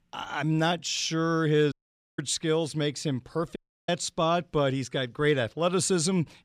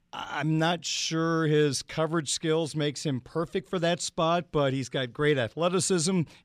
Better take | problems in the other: second | audio cutting out; at 1.5 s and at 3.5 s

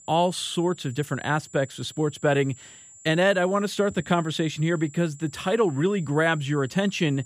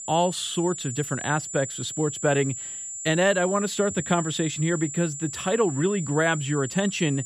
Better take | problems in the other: first | high-pitched whine; loud; throughout; 7 kHz, 7 dB below the speech; faint in the first

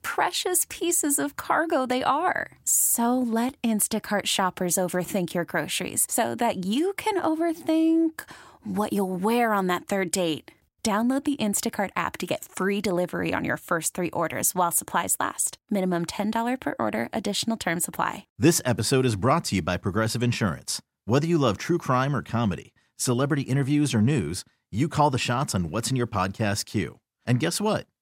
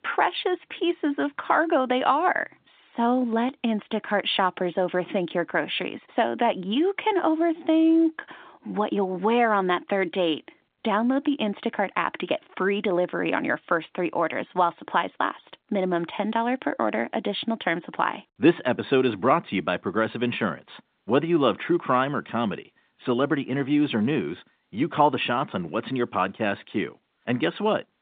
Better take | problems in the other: first | phone-call audio; nothing above 3.5 kHz

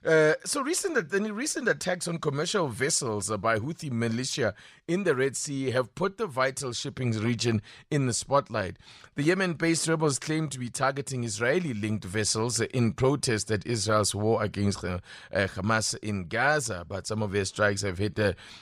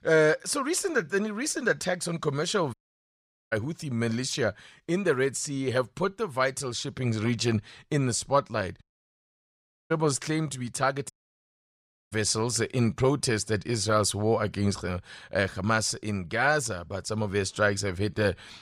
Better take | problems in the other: first | audio cutting out; at 2.5 s for 1 s, at 9 s for 1 s and at 11 s for 1 s

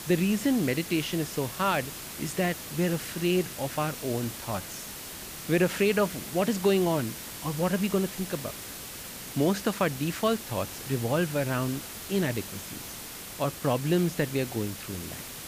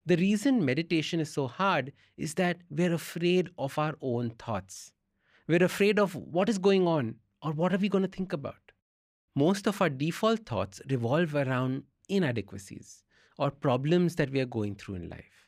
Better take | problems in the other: second | hiss; loud; throughout; 9 dB below the speech

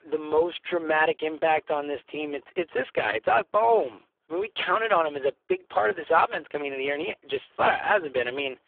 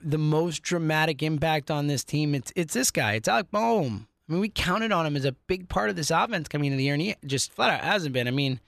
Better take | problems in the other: second | phone-call audio; poor line

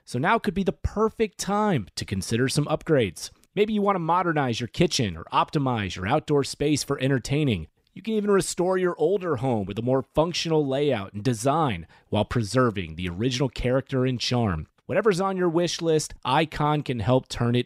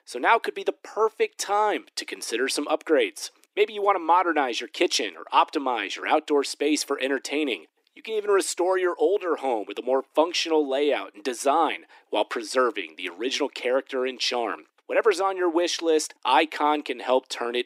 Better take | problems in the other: first | thin; somewhat; fading below 300 Hz

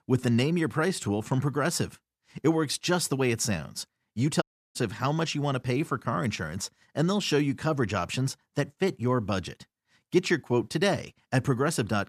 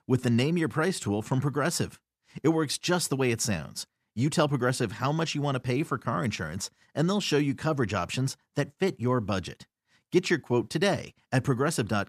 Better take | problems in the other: second | audio cutting out; at 4.5 s

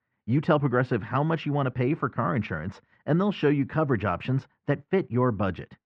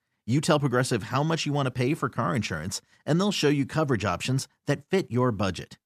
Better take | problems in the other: second | muffled; very; fading above 2 kHz

